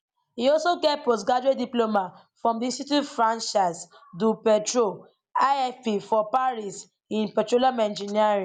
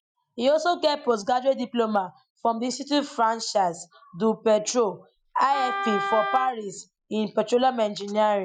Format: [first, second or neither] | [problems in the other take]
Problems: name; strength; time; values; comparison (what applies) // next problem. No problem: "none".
first | noise reduction (classical method Wiener filter)